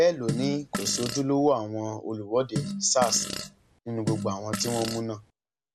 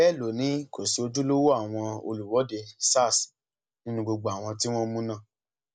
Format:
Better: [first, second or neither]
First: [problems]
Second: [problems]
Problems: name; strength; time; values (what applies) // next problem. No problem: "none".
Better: second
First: background sound (Fart); 6 dB below the speech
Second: none